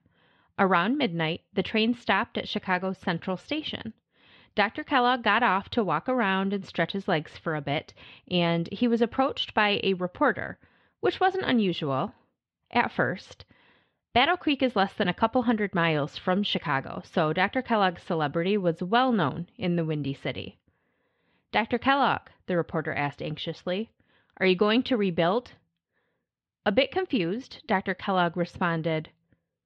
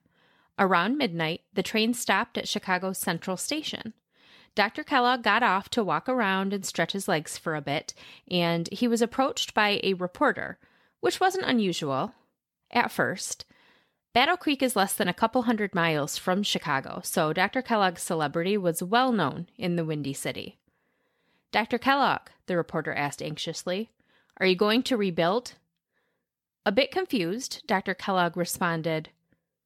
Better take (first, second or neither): second